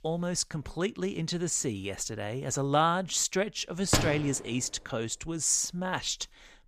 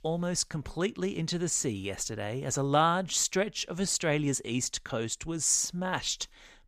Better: second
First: door banging; loud; at 4 s; peak 1 dB above the speech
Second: none

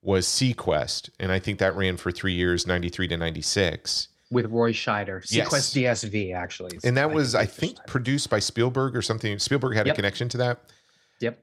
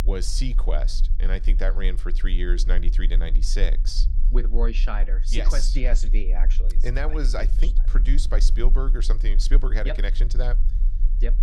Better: first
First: none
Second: low rumble; noticeable; throughout; 15 dB below the speech

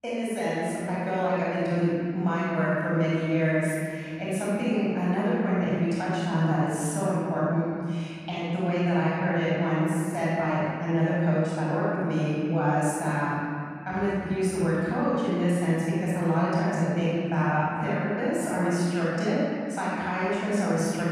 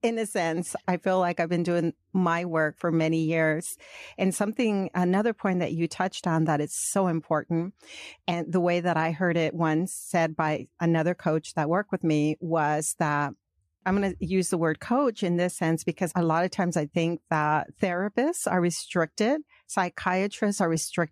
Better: second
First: off-mic speech; far // room echo; strong; dies away in 2.5 s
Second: none

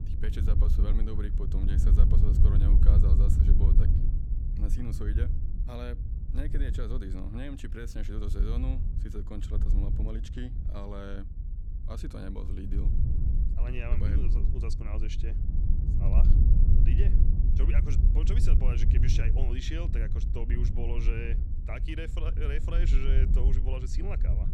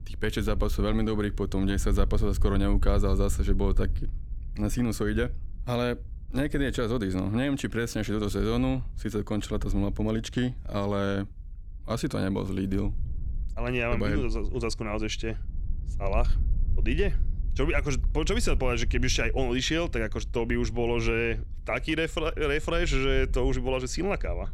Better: second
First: wind noise on the microphone; heavy; 2 dB below the speech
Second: wind noise on the microphone; occasional gusts; 25 dB below the speech

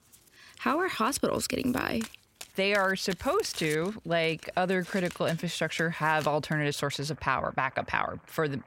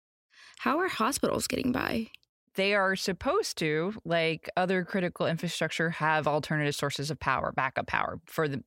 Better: second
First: household noises; noticeable; throughout; 20 dB below the speech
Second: none

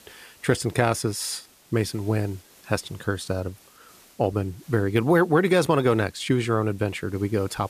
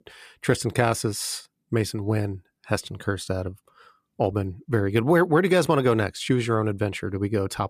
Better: second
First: hiss; faint; throughout; 25 dB below the speech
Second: none

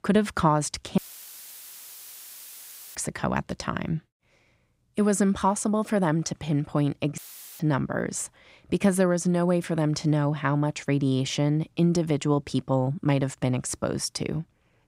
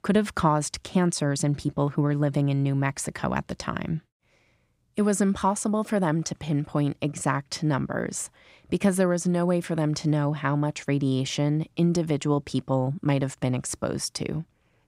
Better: second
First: audio cutting out; filled with static; at 1 s for 2 s and at 7 s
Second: none

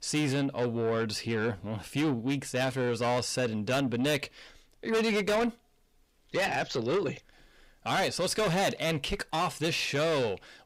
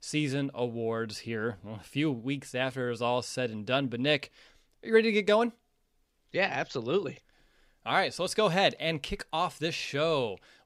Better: second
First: distortion; heavy; 6 dB below the speech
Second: none

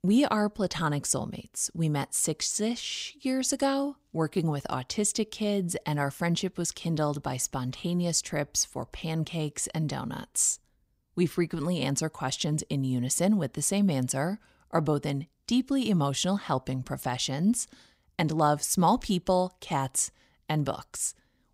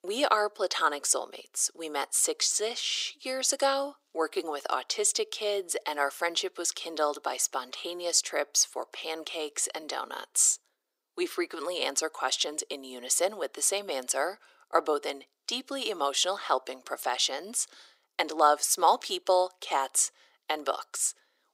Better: first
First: none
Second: thin; very; fading below 350 Hz

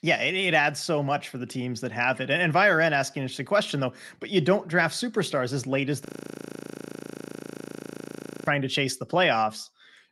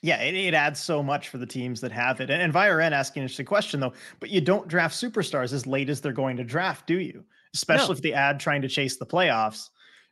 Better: second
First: audio freezing; at 6 s for 2.5 s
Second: none

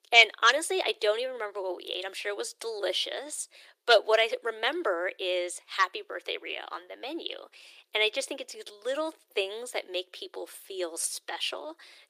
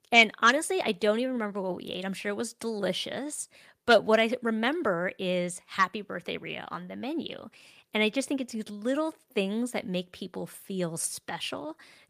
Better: second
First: thin; very; fading below 350 Hz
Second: none

